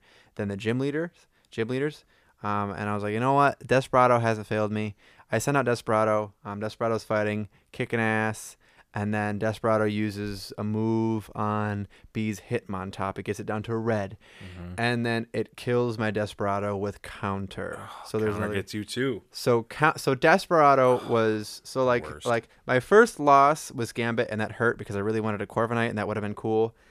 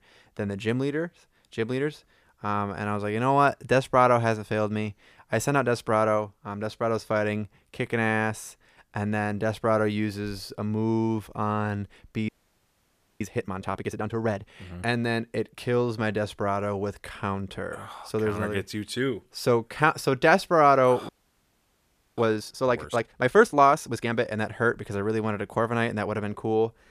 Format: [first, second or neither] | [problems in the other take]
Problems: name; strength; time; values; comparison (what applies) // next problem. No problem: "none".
first | audio freezing; at 12 s for 1 s and at 21 s for 1 s